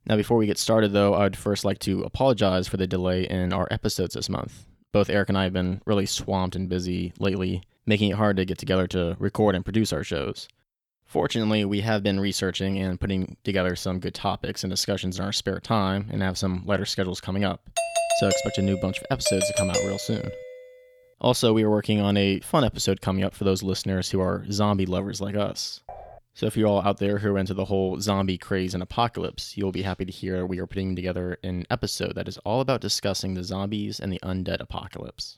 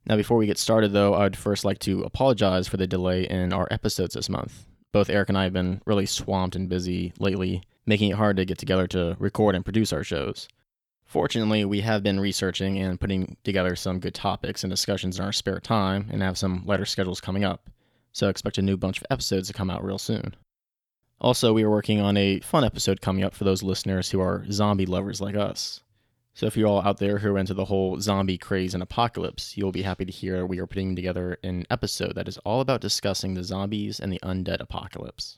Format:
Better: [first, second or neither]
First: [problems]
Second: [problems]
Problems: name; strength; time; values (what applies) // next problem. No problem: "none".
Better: second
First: doorbell; loud; from 18 to 20 s; peak 2 dB above the speech // clattering dishes; faint; at 26 s; peak 20 dB below the speech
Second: none